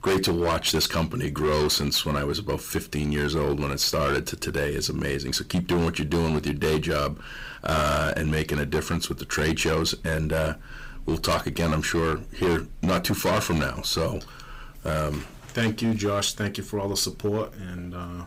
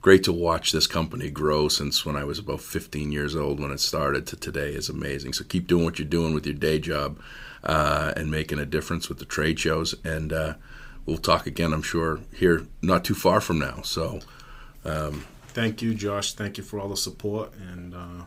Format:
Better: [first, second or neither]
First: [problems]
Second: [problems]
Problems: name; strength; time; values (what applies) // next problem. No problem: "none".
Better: second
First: distortion; heavy; 12% of the sound clipped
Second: none